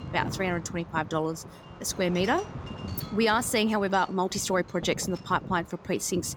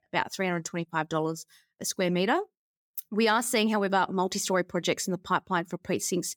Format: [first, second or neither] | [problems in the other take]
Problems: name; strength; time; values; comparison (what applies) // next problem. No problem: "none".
second | wind noise on the microphone; occasional gusts; 15 dB below the speech